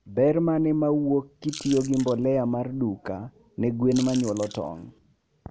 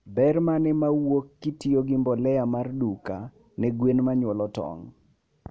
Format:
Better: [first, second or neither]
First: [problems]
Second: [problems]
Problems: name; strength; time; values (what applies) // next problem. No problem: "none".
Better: second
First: background sound (Chewing, mastication / Crushing); 17 dB below the speech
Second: none